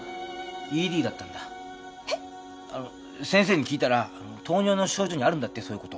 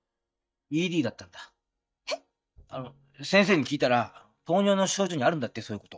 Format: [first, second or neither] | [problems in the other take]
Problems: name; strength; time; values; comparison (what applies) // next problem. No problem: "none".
first | noise reduction (neural mask model DeepFilterNet 3)